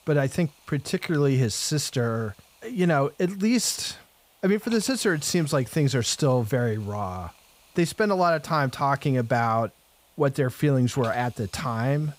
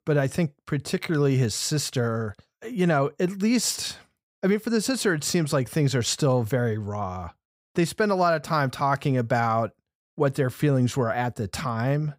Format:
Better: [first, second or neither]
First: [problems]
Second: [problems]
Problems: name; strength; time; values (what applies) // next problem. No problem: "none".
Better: second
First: hiss; faint; throughout; 25 dB below the speech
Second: none